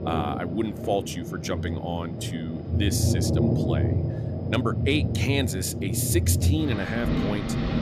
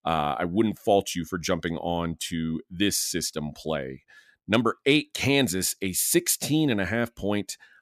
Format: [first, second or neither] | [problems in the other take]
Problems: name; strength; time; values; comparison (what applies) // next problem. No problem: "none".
second | rain or running water; very loud; throughout; 2 dB above the speech